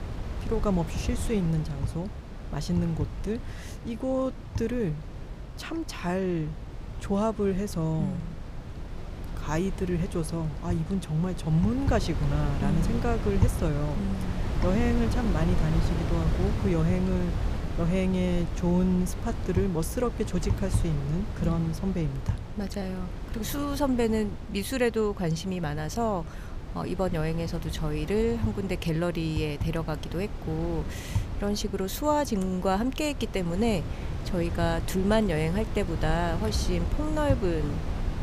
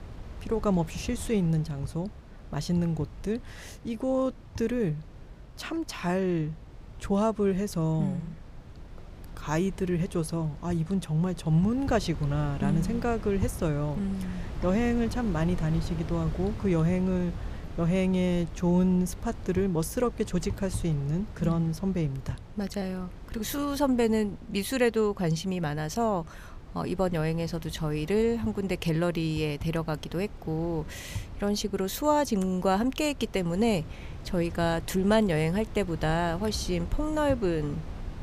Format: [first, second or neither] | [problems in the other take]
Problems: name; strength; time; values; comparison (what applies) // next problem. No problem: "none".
second | wind noise on the microphone; heavy; 10 dB below the speech; occasional gusts in the second